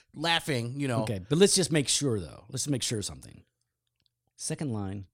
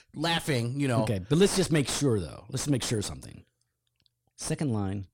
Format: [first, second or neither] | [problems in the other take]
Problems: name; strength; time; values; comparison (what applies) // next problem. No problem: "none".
first | distortion; heavy; 5 dB below the speech